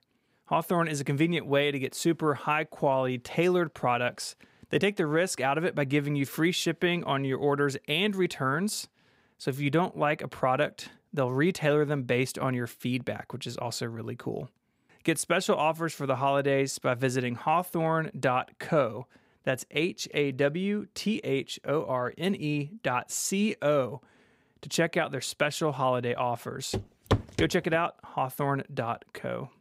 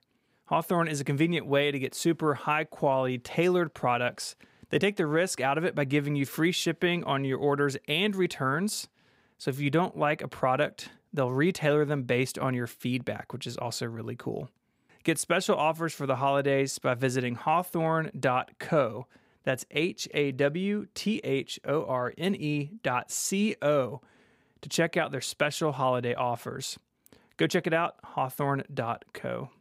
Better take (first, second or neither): second